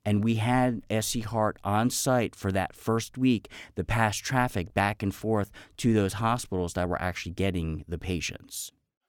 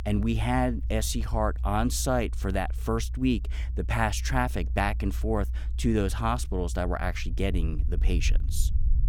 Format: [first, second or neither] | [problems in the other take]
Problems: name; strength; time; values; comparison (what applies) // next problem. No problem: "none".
first | low rumble; faint; throughout; 20 dB below the speech